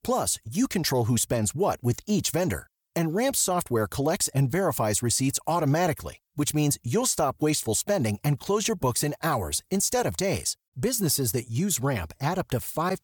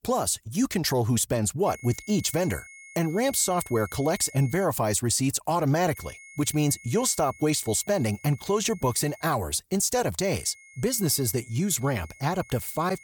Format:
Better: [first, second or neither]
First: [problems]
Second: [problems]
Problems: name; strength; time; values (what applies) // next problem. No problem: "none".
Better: first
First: none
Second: high-pitched whine; faint; from 1.5 to 4.5 s, from 6 to 9.5 s and from 10 s on; 2 kHz, 20 dB below the speech